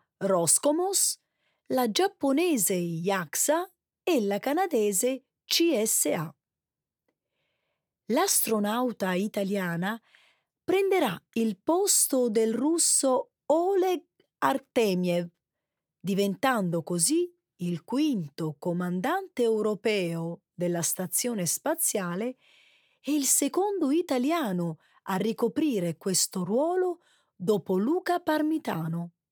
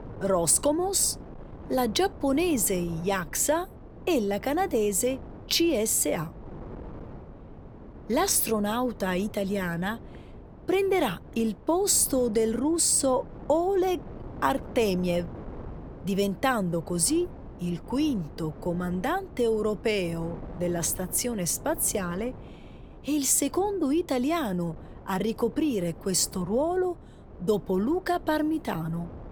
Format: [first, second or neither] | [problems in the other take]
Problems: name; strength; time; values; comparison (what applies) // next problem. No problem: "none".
first | wind noise on the microphone; occasional gusts; 20 dB below the speech